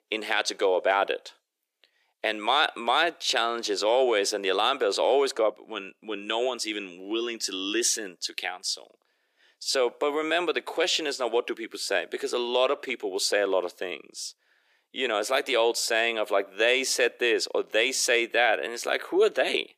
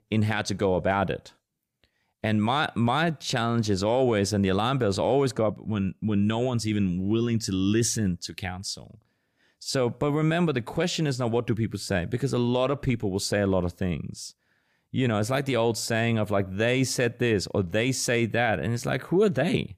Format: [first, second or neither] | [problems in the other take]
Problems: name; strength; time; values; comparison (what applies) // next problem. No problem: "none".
second | thin; very; fading below 350 Hz